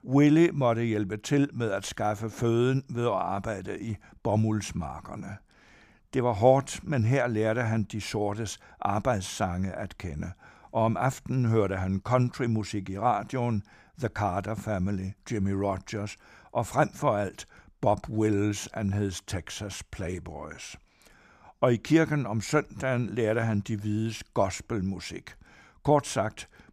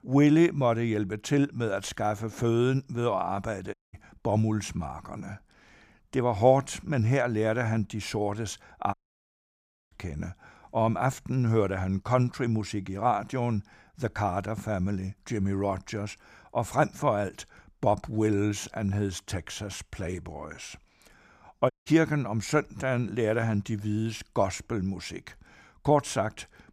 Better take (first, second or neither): first